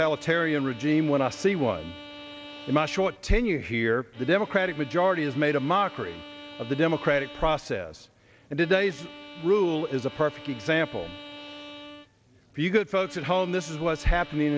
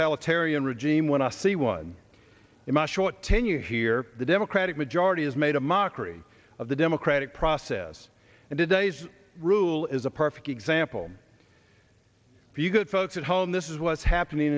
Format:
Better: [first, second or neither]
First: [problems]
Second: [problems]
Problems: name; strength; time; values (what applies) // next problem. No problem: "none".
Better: second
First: background sound (Bowed string instrument); 18 dB below the speech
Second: none